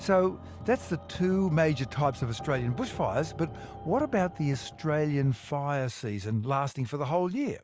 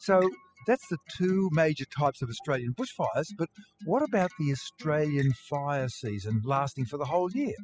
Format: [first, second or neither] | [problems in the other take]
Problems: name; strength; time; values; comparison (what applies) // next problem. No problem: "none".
first | noise reduction (classical method spectral subtraction)